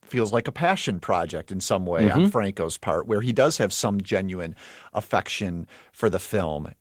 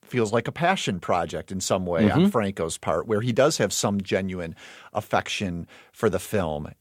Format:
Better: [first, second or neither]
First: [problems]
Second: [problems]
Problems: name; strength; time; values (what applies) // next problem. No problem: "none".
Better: second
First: garbled, watery; slightly; nothing above 17.5 kHz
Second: none